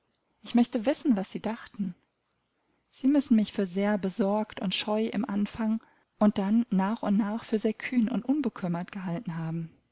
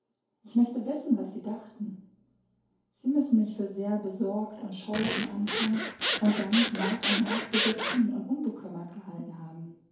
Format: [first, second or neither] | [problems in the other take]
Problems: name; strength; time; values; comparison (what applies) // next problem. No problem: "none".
first | background sound (Zipper (clothing) / Sawing); 1 dB below the speech // room echo; dies away in 2.4 s